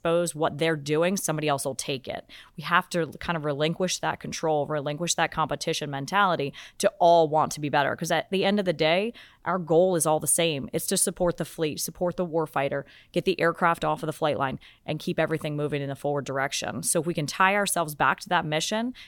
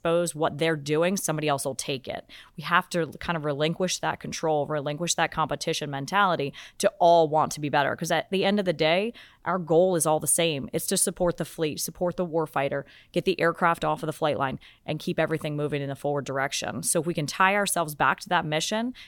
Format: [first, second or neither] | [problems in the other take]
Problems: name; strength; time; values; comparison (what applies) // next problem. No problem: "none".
neither | none